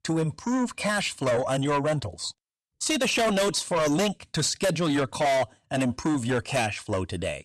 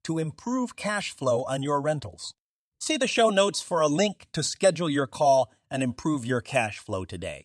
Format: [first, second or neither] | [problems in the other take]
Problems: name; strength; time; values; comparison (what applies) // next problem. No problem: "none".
second | distortion; heavy; 6 dB below the speech